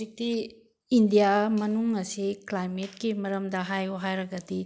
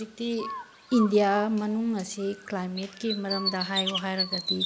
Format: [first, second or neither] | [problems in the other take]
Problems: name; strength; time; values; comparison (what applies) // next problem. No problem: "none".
first | background sound (Bird); 7 dB below the speech